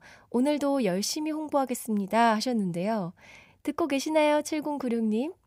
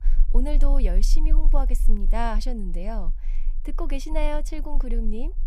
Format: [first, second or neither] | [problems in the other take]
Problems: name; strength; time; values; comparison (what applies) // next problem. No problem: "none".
first | low rumble; faint; throughout; 20 dB below the speech